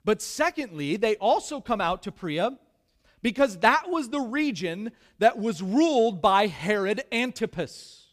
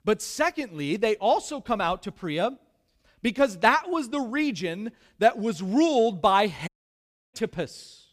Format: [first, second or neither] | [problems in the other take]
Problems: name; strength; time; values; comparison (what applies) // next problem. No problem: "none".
first | audio cutting out; at 6.5 s for 0.5 s